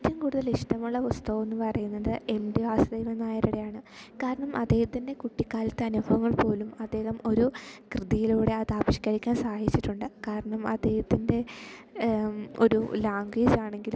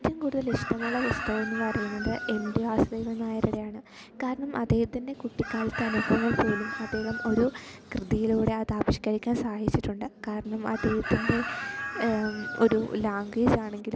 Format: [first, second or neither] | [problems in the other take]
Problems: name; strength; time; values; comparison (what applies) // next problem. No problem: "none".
first | background sound (Chicken, rooster); 9 dB below the speech